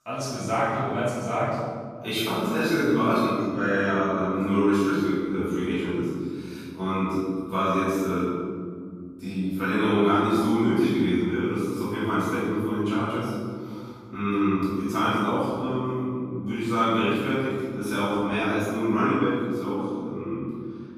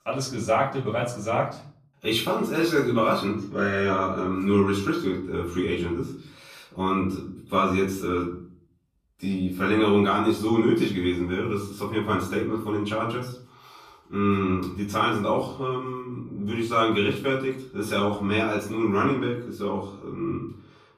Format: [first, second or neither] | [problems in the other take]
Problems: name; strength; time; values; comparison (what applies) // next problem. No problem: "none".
second | room echo; strong; dies away in 2.3 s; slight in the second // off-mic speech; far; far in the second